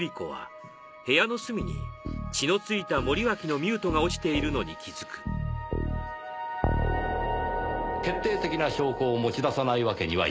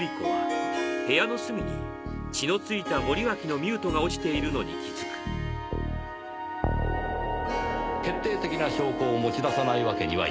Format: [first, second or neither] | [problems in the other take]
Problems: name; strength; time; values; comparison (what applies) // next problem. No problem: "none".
first | background sound (Harp); 4 dB below the speech